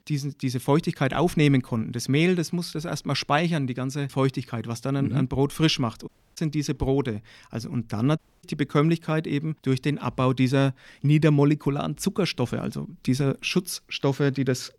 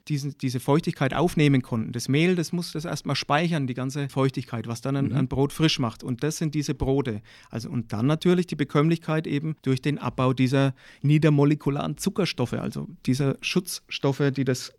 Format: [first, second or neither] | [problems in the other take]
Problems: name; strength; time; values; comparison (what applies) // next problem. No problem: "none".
second | audio cutting out; at 6 s and at 8 s